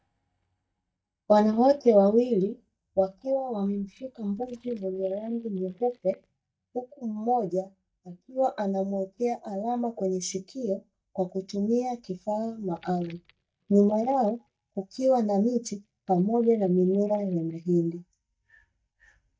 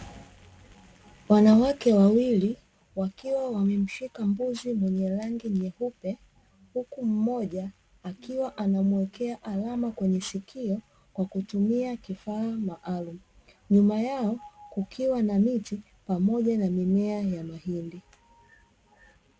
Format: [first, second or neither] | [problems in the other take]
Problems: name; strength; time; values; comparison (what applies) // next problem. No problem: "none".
second | noise reduction (neural mask model DeepFilterNet 3)